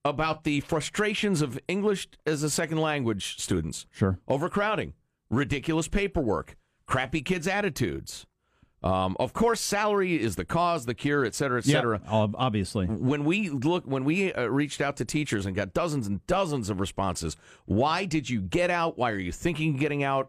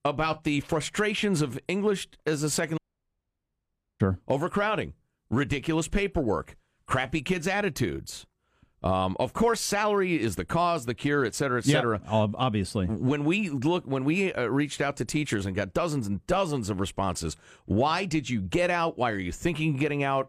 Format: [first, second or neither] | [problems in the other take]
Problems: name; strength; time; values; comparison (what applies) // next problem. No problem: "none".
first | audio cutting out; at 3 s for 1 s